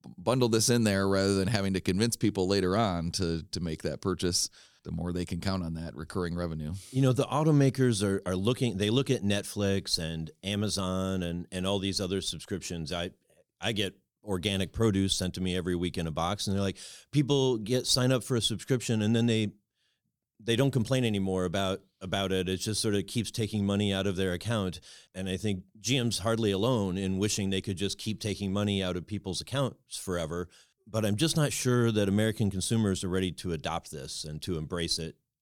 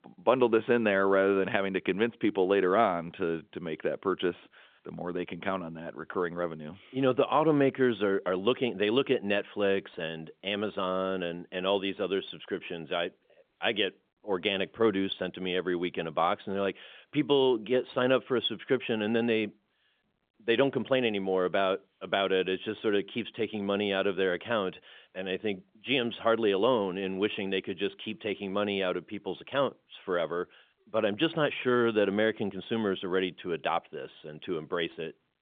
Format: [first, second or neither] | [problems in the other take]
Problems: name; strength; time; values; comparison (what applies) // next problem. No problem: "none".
first | phone-call audio; nothing above 3.5 kHz